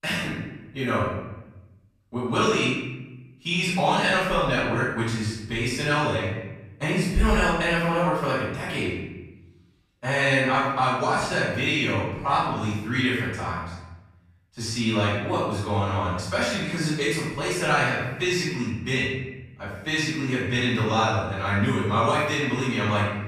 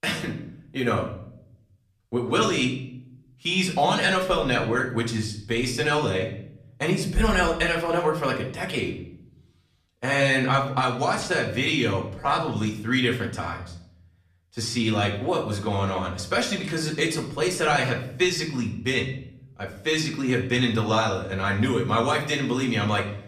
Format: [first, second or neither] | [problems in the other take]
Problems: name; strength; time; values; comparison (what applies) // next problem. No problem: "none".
second | room echo; strong; dies away in 0.9 s; slight in the second // off-mic speech; far; far in the second